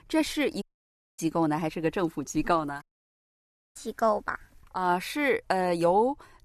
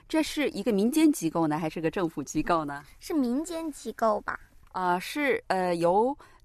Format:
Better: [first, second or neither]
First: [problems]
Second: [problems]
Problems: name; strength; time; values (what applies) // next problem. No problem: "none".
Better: second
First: audio cutting out; at 0.5 s for 0.5 s and at 3 s for 1 s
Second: none